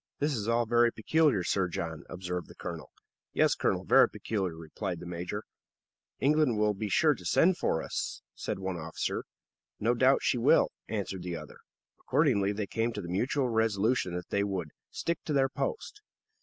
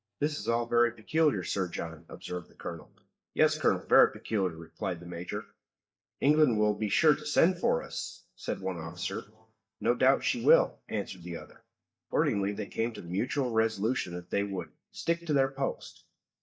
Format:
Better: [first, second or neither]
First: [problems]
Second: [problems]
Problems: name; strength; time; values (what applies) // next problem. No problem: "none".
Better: first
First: none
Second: noise reduction (neural mask model DeepFilterNet 3)